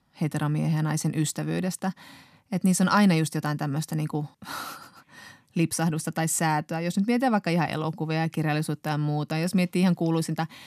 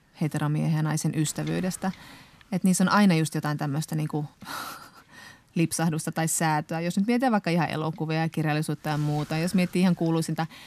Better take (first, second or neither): first